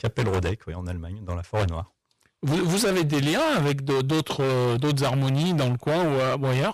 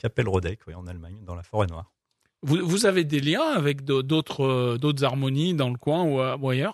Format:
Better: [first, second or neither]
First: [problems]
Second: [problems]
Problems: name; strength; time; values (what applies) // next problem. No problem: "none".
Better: second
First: distortion; heavy; 30% of the sound clipped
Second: none